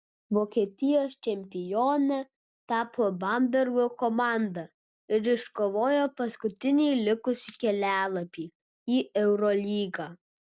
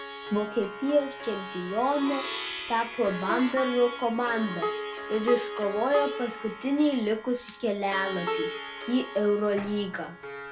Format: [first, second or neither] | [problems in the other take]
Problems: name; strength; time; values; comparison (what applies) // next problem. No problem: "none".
first | background sound (Plucked string instrument); 8 dB below the speech // room echo; dies away in 0.2 s